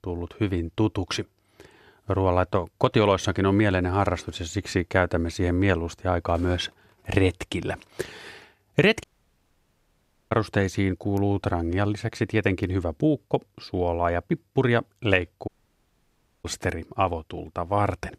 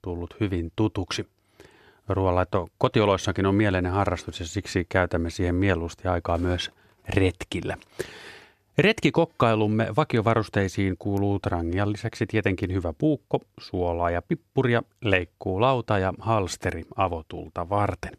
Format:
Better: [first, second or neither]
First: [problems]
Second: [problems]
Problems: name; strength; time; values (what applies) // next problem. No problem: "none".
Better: second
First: audio cutting out; at 9 s for 1.5 s and at 15 s for 1 s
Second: none